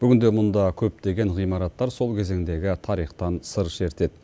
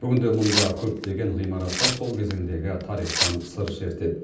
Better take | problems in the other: first | background sound (Tearing); 4 dB below the speech // room echo; dies away in 0.6 s

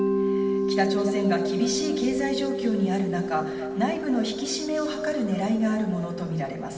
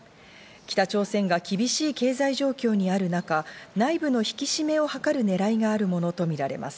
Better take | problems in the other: second | background sound (Mallet percussion); 1 dB below the speech // room echo; dies away in 2.3 s

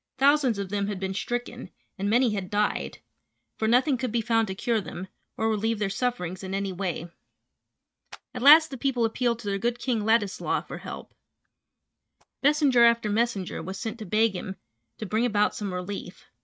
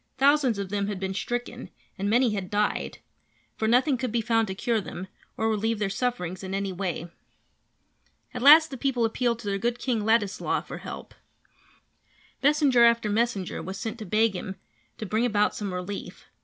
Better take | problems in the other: second | noise reduction (neural mask model RNNoise)

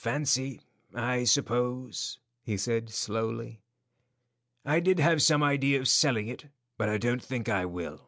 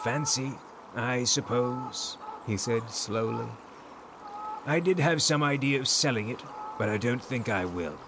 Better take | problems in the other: first | background sound (Fowl); 13 dB below the speech

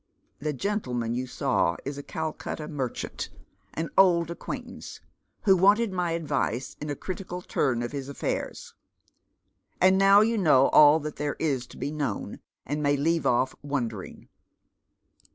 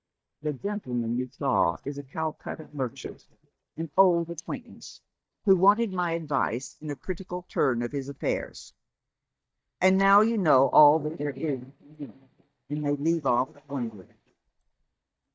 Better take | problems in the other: first | noise reduction (neural mask model DeepFilterNet 3)

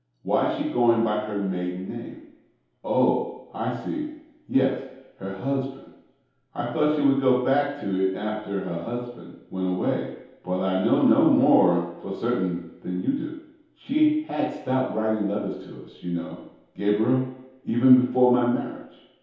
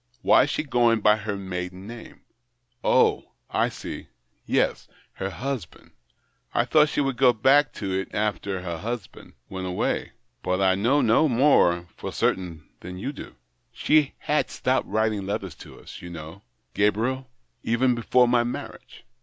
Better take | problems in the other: second | room echo; dies away in 0.8 s

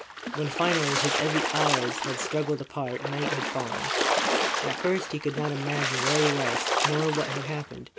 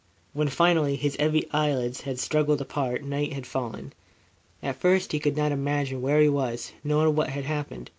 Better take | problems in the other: second | background sound (Splash, splatter); 1 dB above the speech

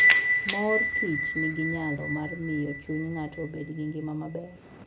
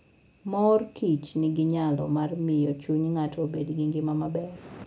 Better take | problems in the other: second | background sound (Door / Bell); 3 dB above the speech

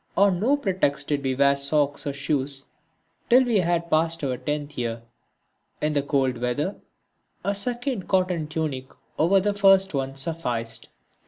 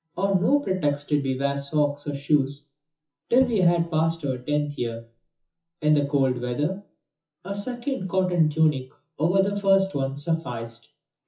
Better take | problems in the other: first | noise reduction (classical method WPE with log-MMSE)

